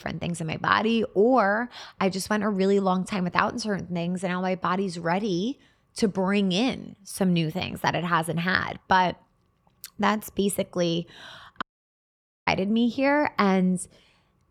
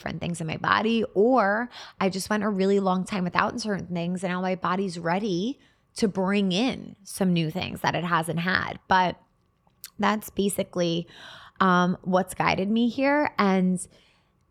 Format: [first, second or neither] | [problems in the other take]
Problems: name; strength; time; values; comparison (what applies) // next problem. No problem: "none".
second | audio cutting out; at 12 s for 1 s